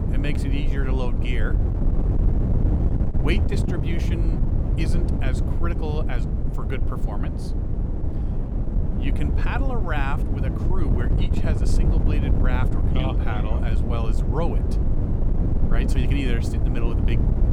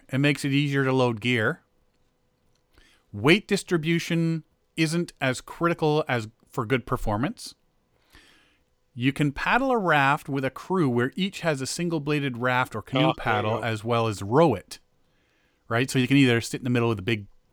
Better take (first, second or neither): second